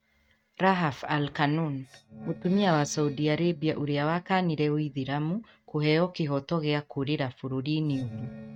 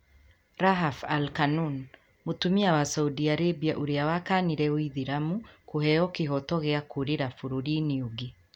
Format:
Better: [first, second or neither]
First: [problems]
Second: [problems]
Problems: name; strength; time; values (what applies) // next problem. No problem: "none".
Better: second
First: noise reduction (neural mask model RNNoise)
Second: none